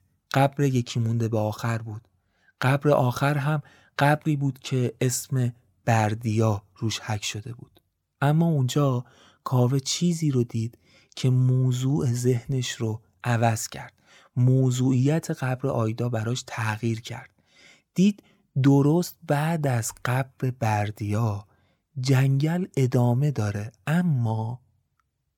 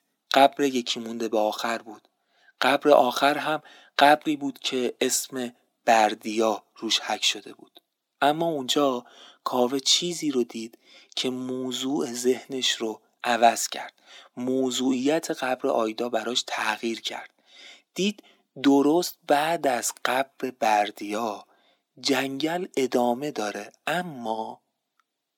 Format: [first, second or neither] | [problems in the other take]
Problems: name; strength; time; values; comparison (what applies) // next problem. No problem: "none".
first | thin; somewhat; fading below 250 Hz